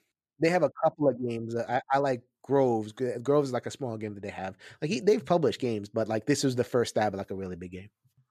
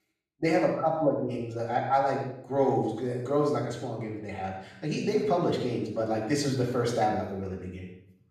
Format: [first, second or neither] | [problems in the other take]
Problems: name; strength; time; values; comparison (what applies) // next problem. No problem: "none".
first | room echo; noticeable; dies away in 0.6 s // off-mic speech; far